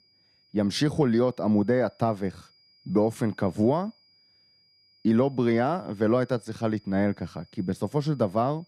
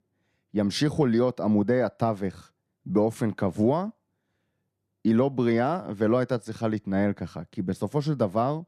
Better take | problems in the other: second | high-pitched whine; faint; throughout; 5 kHz, 35 dB below the speech

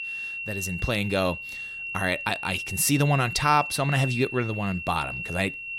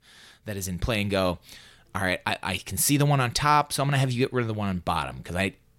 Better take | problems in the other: second | high-pitched whine; loud; throughout; 2.5 kHz, 7 dB below the speech

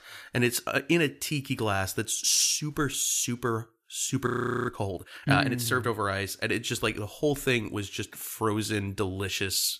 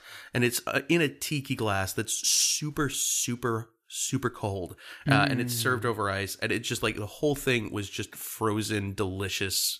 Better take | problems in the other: second | audio freezing; at 4.5 s

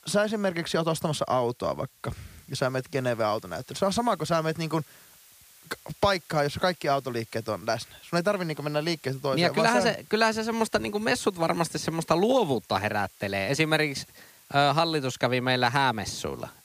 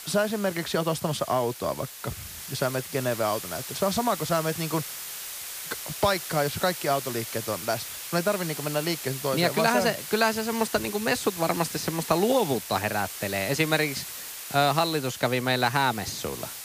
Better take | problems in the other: first | hiss; loud; throughout; 8 dB below the speech; faint in the first

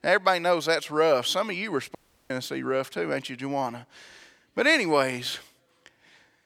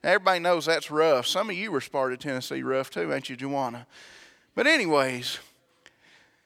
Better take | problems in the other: second | audio cutting out; at 2 s

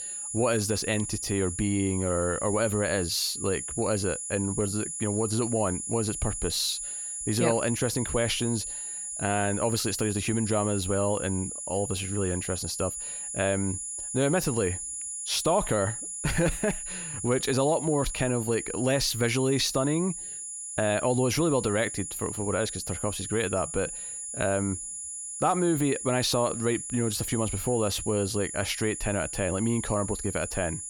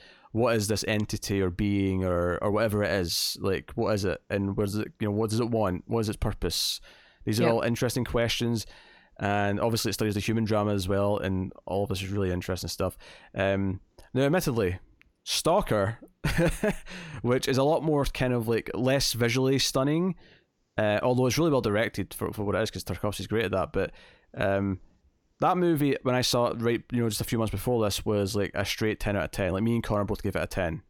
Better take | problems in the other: second | high-pitched whine; loud; throughout; 10 kHz, 5 dB below the speech

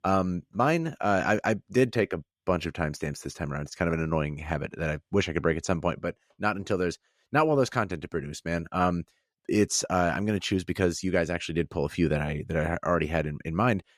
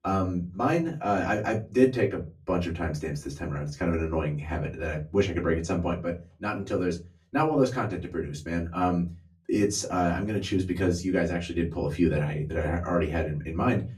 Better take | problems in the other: first | off-mic speech; far // room echo; very slight; dies away in 0.3 s

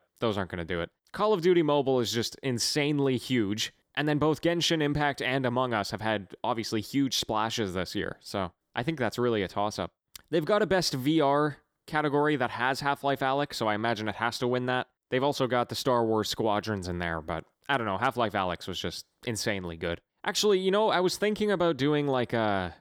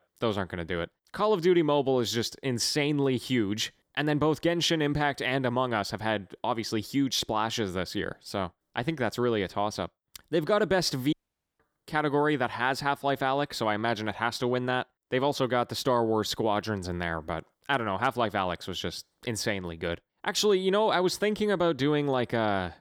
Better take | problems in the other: first | audio cutting out; at 11 s

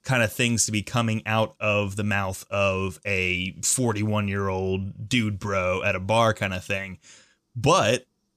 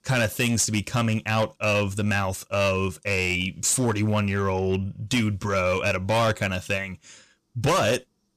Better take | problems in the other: first | distortion; slight; 9% of the sound clipped

